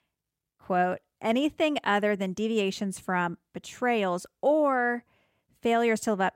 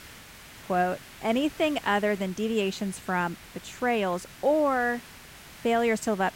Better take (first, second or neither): first